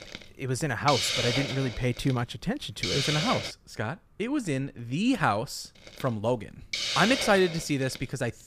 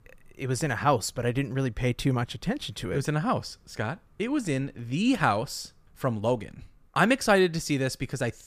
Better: second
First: hiss; loud; until 3.5 s and from 6 s on; 1 dB below the speech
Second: none

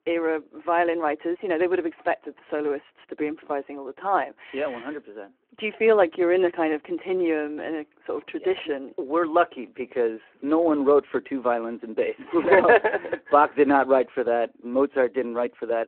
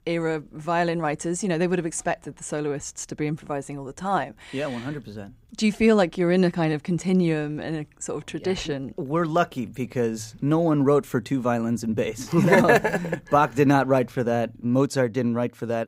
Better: second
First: phone-call audio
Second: none

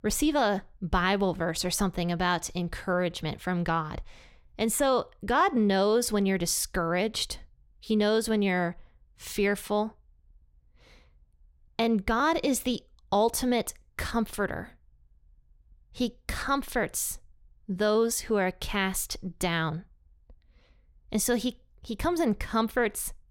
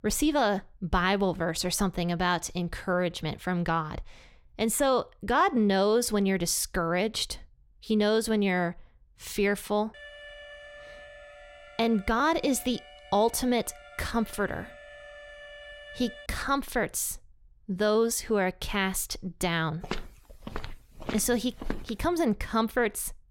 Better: first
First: none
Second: alarm; faint; from 10 to 16 s; peak 15 dB below the speech // footsteps; faint; from 20 to 22 s; peak 10 dB below the speech

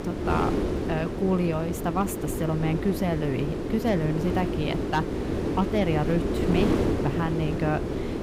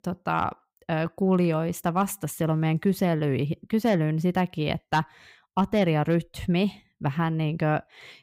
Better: second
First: wind noise on the microphone; heavy; 2 dB below the speech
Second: none

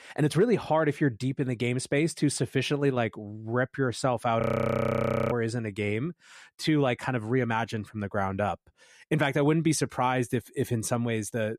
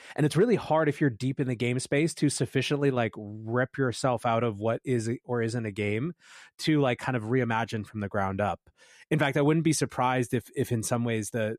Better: second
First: audio freezing; at 4.5 s for 1 s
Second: none

